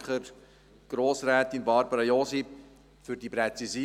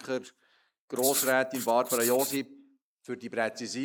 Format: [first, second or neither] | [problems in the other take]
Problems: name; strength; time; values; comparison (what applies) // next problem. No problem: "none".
first | noise reduction (neural mask model Resemble Enhance denoiser)